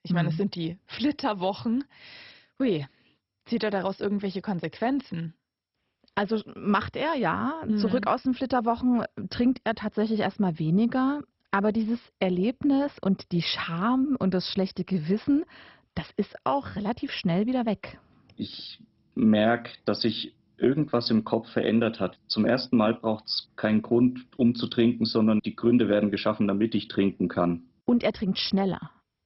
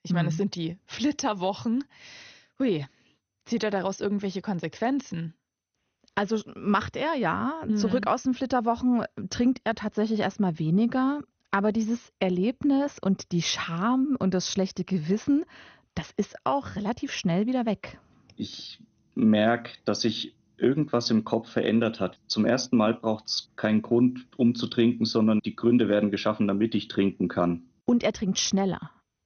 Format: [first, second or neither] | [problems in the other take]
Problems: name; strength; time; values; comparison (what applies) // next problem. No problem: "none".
second | garbled, watery; badly; nothing above 5.5 kHz; slightly in the second